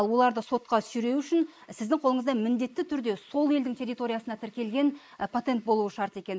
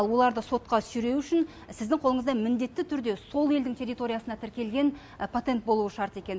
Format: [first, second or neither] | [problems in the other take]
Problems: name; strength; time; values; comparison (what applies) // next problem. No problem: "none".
second | noise reduction (neural mask model Resemble Enhance denoiser)